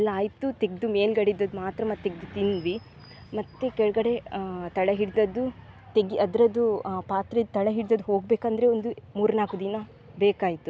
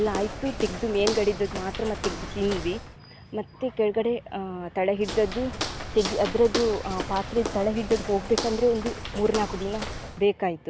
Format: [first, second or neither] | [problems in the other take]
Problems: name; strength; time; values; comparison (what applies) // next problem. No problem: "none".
first | background sound (Walk, footsteps); 8 dB below the speech